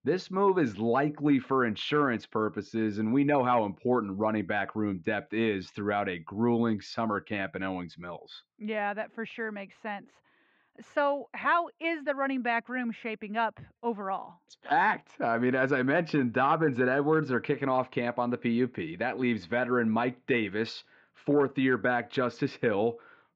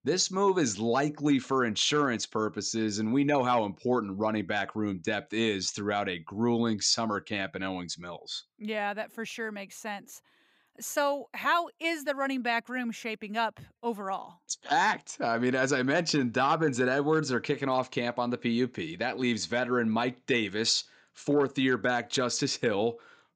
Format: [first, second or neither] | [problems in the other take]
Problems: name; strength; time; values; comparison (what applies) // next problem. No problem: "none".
second | muffled; very; fading above 2.5 kHz